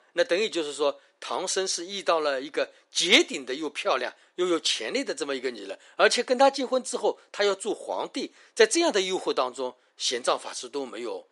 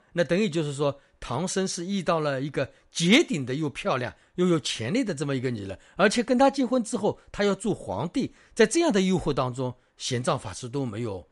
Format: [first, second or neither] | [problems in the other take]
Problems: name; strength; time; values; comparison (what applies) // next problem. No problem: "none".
second | thin; somewhat; fading below 350 Hz